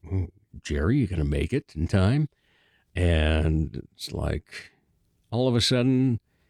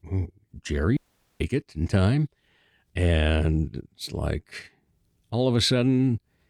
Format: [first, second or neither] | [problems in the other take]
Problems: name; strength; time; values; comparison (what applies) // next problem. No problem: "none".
first | audio cutting out; at 1 s